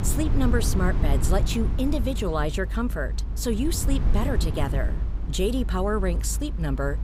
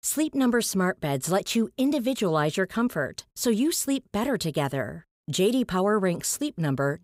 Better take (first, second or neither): second